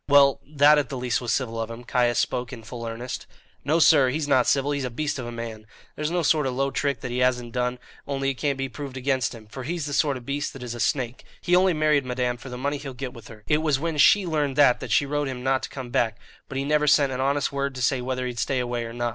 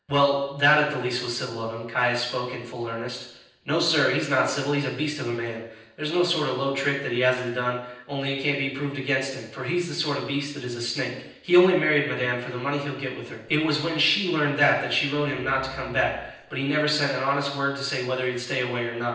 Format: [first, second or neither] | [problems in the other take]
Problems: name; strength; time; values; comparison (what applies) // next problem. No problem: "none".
first | noise reduction (neural separator model SepFormer DNS4)